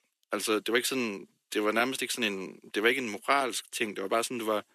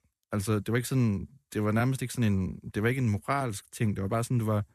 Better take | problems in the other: second | thin; somewhat; fading below 300 Hz

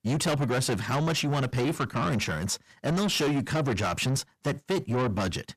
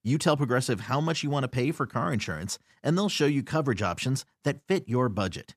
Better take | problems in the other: second | distortion; heavy; 7 dB below the speech

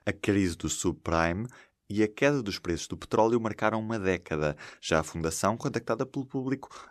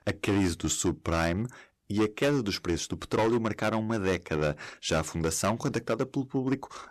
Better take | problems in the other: first | distortion; heavy; 7% of the sound clipped

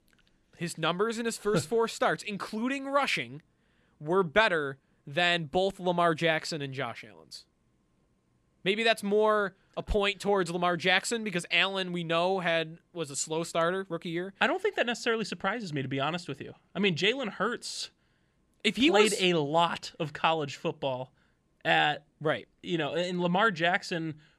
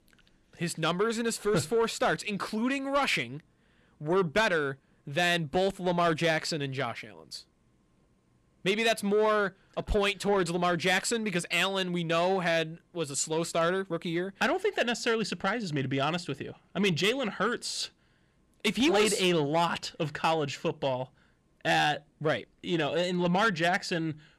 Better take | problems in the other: first | distortion; slight; 10 dB below the speech

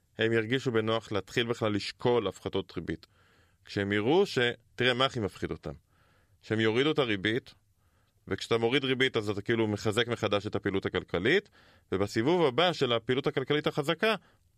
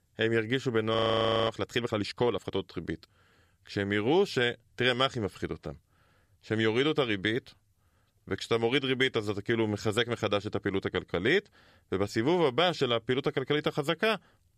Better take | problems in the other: first | audio freezing; at 1 s for 0.5 s

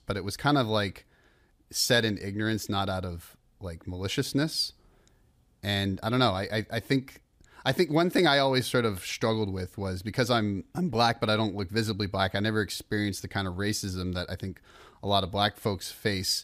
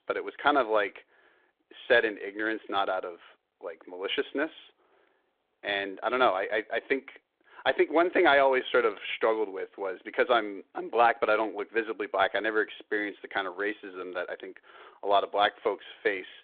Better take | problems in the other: first | phone-call audio; nothing above 3.5 kHz

